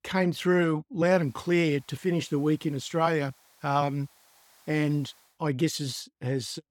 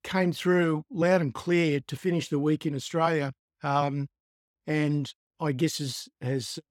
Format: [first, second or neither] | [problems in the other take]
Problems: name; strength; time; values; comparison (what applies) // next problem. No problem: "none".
second | hiss; faint; from 1 to 5.5 s; 30 dB below the speech